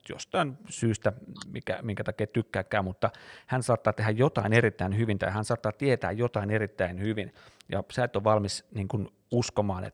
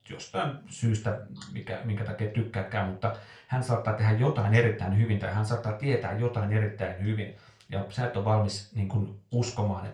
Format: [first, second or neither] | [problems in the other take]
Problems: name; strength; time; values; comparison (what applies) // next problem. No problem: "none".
first | room echo; slight; dies away in 0.3 s // off-mic speech; somewhat distant